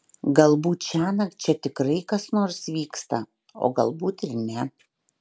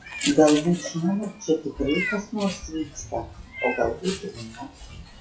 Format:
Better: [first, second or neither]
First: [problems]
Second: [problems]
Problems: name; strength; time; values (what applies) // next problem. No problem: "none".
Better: first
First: none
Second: noise reduction (classical method WPE with log-MMSE)